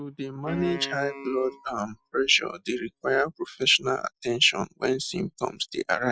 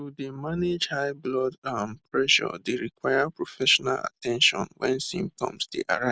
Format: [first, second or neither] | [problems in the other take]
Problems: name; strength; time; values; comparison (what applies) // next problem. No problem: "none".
second | noise reduction (classical method Wiener filter)